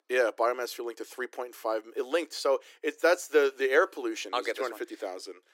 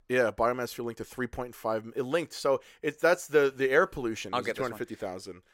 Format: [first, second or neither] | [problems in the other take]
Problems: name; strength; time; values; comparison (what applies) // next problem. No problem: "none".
second | thin; somewhat; fading below 300 Hz